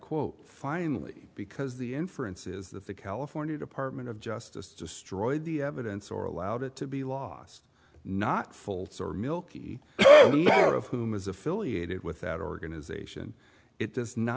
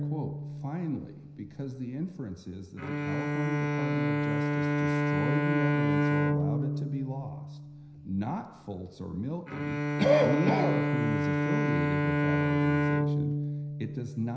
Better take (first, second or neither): first